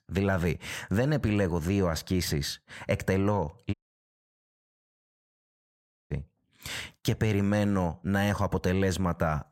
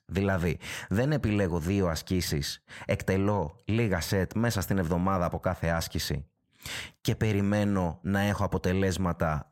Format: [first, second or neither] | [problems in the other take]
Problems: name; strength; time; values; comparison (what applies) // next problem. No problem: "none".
second | audio cutting out; at 3.5 s for 2.5 s